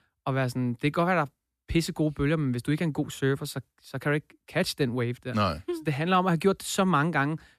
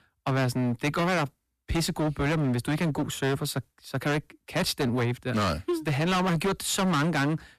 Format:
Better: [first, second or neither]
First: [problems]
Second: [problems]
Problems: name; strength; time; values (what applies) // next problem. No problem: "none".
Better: first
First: none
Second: distortion; heavy; 22% of the sound clipped